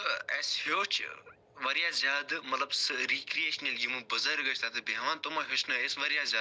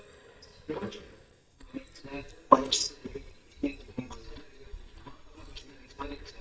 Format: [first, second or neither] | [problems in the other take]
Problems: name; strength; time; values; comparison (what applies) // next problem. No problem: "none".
first | noise reduction (neural mask model DeepFilterNet 3)